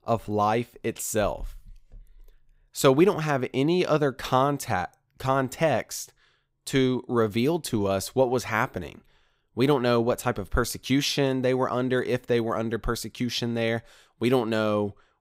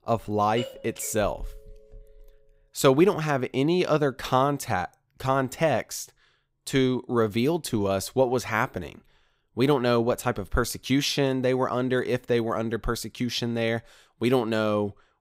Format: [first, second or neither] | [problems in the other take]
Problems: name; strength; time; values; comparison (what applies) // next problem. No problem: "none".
first | doorbell; faint; at 0.5 s; peak 10 dB below the speech